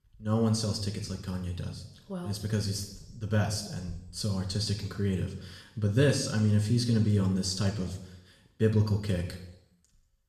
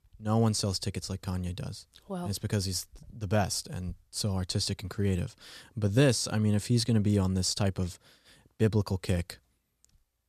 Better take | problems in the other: second | room echo; slight; dies away in 0.8 s // off-mic speech; somewhat distant

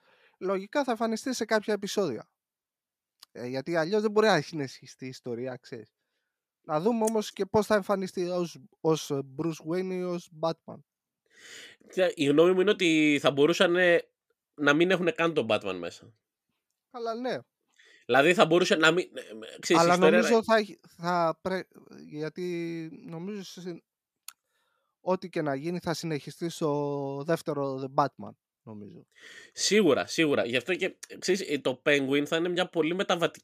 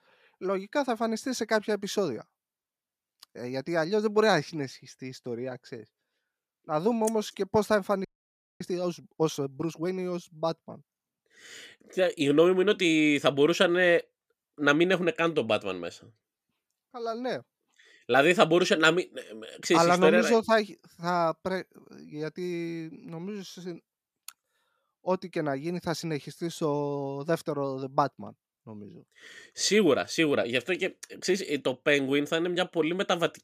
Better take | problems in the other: first | audio freezing; at 8 s for 0.5 s

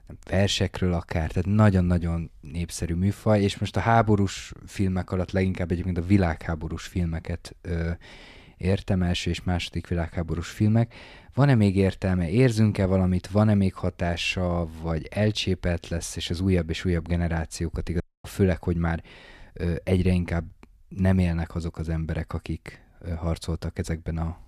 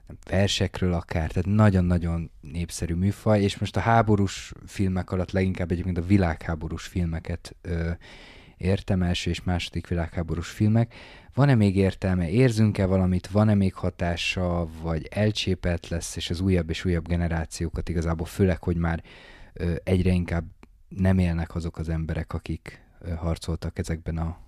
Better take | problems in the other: second | audio cutting out; at 18 s

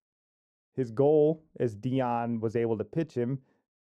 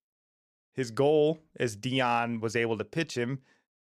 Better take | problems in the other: second | muffled; very; fading above 1 kHz

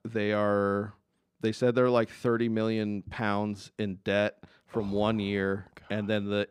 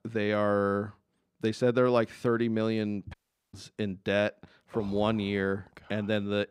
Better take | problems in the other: first | audio cutting out; at 3 s

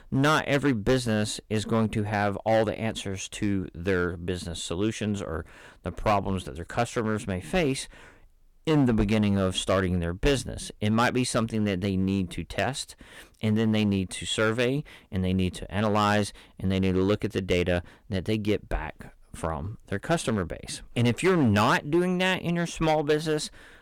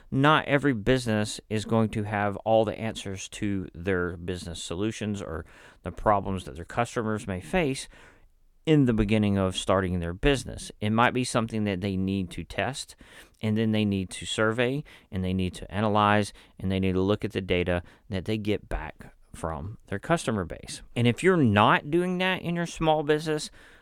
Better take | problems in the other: second | distortion; slight; 4% of the sound clipped

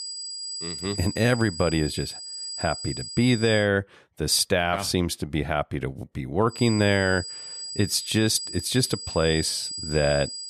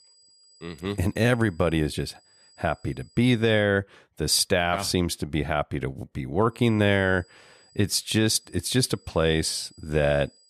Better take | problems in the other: second | high-pitched whine; loud; until 3.5 s and from 6.5 s on; 5 kHz, 8 dB below the speech; faint in the second

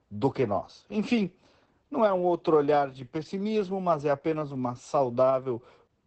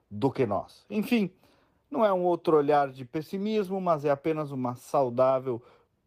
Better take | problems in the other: second | garbled, watery; badly; nothing above 8 kHz; slightly in the second

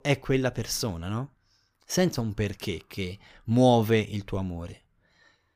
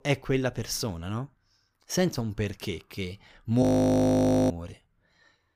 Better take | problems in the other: first | audio freezing; at 3.5 s for 1 s

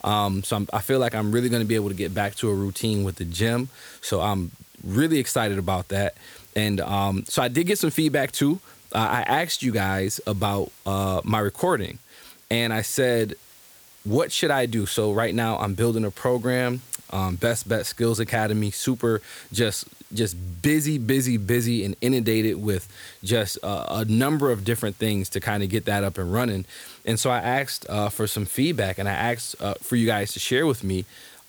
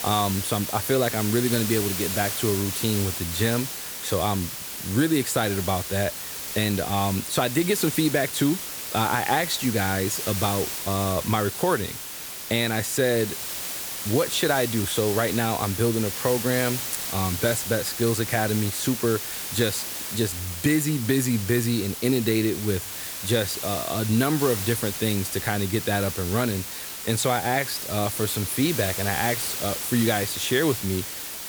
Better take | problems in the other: first | hiss; loud; throughout; 5 dB below the speech; faint in the first

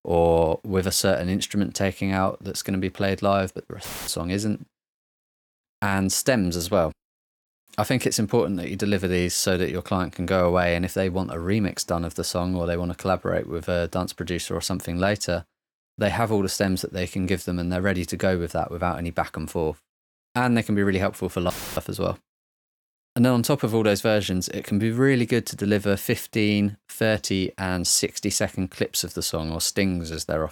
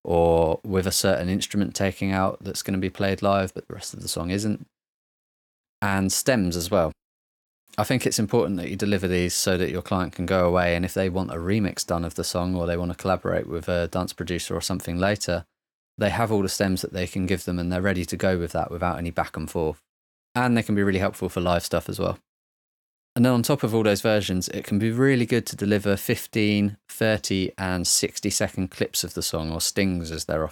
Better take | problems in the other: second | audio cutting out; filled with static; at 4 s and at 22 s

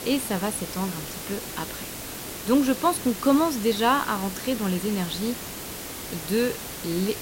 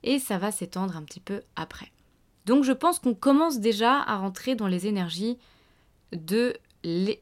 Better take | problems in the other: second | hiss; loud; throughout; 8 dB below the speech

